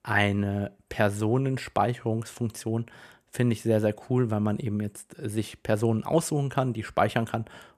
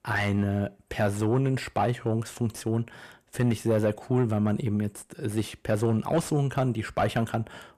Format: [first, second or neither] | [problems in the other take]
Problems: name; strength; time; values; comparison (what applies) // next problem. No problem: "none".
first | distortion; slight; 10 dB below the speech